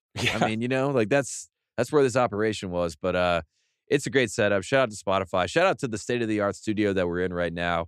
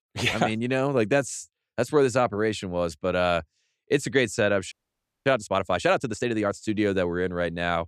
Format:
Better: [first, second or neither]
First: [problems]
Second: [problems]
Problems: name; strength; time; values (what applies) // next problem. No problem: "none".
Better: first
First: none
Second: audio freezing; at 4.5 s for 0.5 s